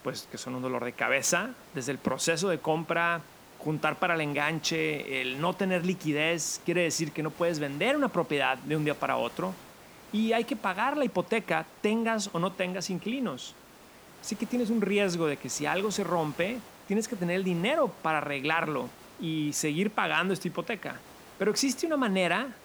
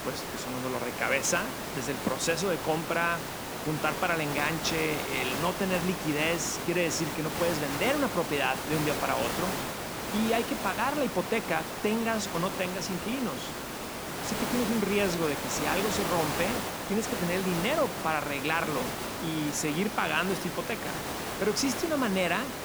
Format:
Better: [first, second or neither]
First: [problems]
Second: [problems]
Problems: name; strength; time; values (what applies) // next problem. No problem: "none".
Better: first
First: hiss; faint; throughout; 20 dB below the speech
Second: hiss; loud; throughout; 3 dB below the speech